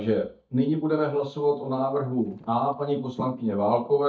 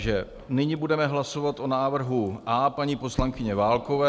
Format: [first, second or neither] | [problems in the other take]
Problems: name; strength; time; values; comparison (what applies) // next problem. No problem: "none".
second | noise reduction (neural mask model DeepFilterNet 3)